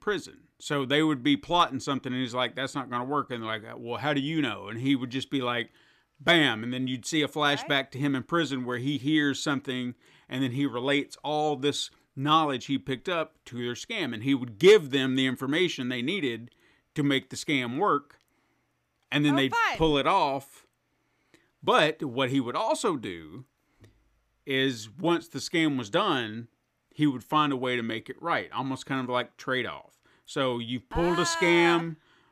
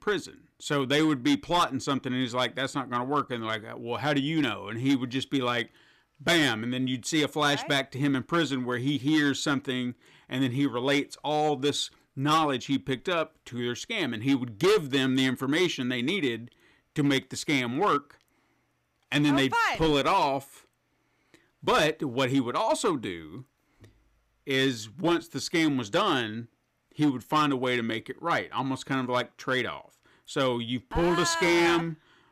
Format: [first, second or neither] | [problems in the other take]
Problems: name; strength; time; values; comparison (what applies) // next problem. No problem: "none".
first | distortion; slight; 4% of the sound clipped